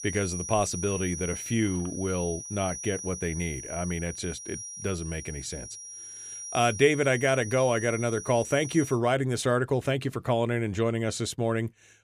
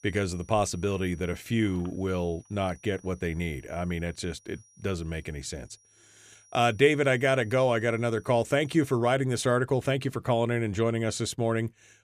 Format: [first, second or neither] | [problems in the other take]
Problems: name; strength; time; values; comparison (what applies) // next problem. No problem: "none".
second | high-pitched whine; loud; until 9 s; 6 kHz, 9 dB below the speech; faint in the second